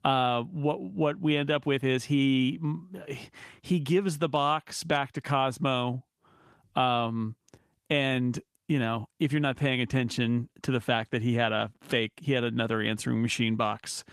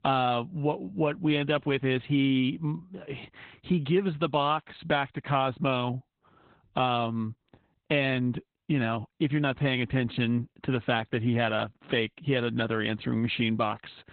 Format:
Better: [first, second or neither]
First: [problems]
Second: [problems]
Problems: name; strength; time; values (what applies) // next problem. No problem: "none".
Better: first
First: garbled, watery; slightly; nothing above 14.5 kHz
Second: garbled, watery; badly; nothing above 3.5 kHz